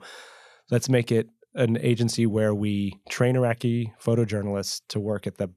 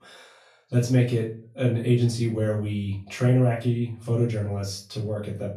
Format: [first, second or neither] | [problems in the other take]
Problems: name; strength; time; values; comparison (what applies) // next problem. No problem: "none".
first | off-mic speech; far // room echo; slight; dies away in 0.3 s